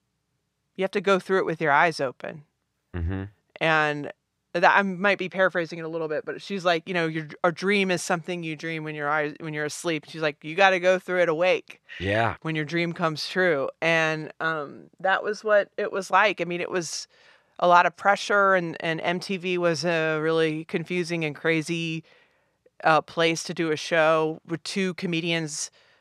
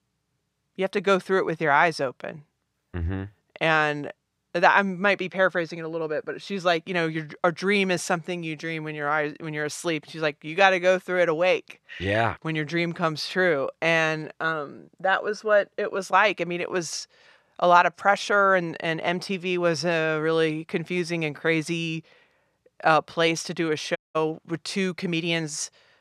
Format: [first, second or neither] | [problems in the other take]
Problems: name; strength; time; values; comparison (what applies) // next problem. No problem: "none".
first | audio cutting out; at 24 s